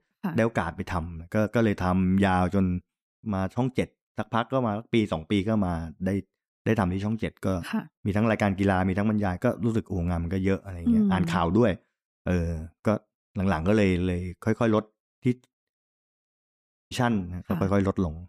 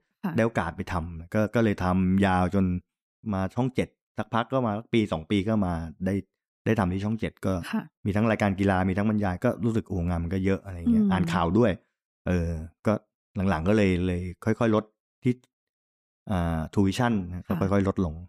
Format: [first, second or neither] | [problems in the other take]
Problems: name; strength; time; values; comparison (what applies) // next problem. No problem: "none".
second | audio cutting out; at 16 s for 0.5 s